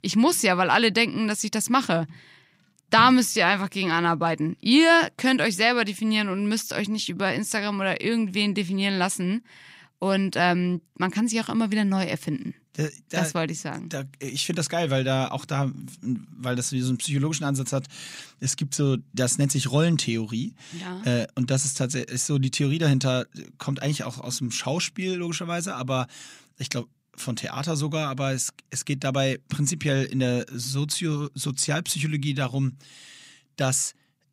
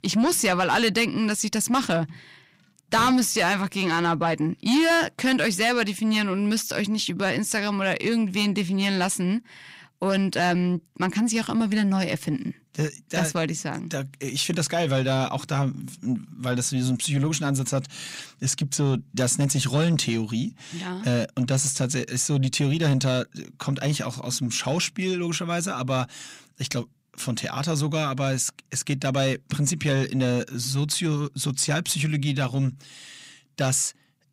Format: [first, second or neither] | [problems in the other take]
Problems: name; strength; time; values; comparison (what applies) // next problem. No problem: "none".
first | distortion; slight; 10 dB below the speech